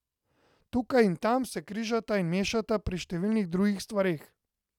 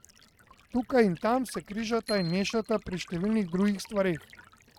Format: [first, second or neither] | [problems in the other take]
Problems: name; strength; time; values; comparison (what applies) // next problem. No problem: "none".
first | noise reduction (neural mask model RNNoise)